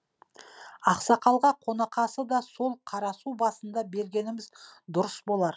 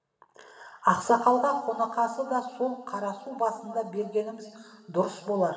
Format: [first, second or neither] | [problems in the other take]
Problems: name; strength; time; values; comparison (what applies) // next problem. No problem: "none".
first | room echo; dies away in 2.3 s